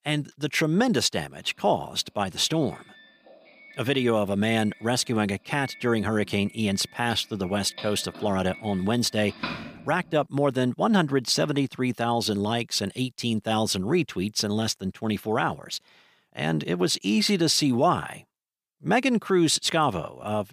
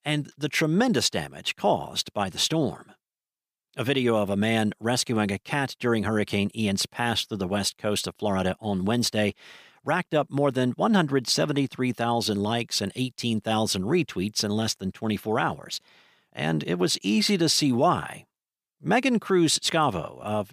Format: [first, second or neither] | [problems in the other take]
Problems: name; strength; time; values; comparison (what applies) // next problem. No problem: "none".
second | doorbell; noticeable; from 5.5 to 10 s; peak 8 dB below the speech